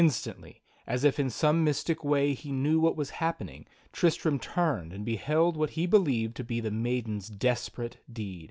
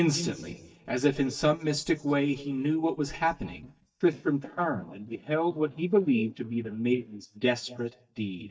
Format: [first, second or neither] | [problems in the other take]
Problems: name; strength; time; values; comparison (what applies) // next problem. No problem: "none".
first | noise reduction (neural mask model DeepFilterNet 3)